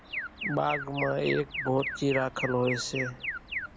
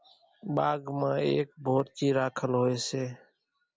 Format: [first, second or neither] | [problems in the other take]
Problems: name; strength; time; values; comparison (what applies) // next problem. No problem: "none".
second | background sound (Alarm); 6 dB below the speech